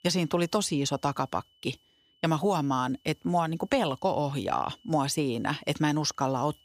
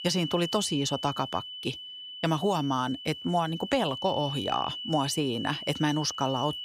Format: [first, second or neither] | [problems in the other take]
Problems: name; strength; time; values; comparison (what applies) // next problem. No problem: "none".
first | high-pitched whine; loud; throughout; 3 kHz, 7 dB below the speech; faint in the first